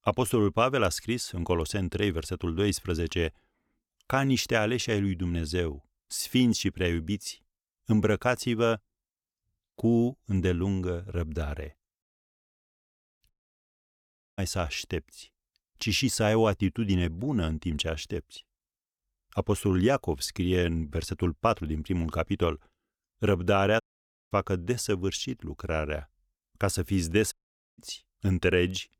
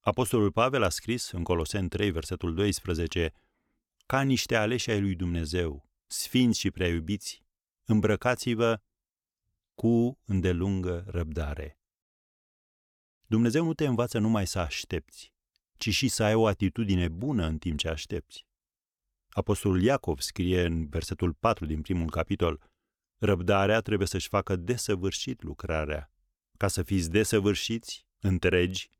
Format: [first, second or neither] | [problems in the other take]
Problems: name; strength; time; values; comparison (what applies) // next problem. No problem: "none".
second | audio cutting out; at 13 s for 1 s, at 24 s for 0.5 s and at 27 s